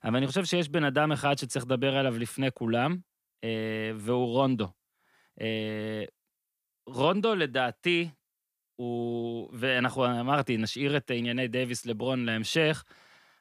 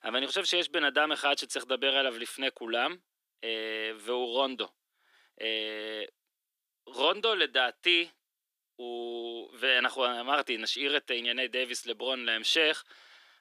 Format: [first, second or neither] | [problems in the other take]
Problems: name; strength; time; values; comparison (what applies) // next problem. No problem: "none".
first | thin; somewhat; fading below 300 Hz